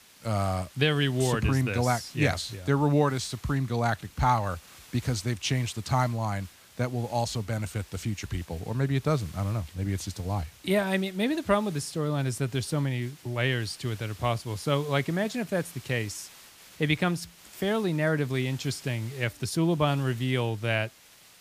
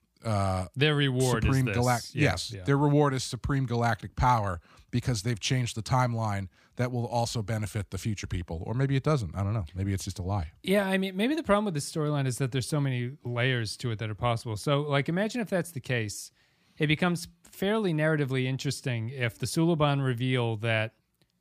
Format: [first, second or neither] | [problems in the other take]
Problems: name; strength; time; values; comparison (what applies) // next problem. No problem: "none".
second | hiss; faint; throughout; 20 dB below the speech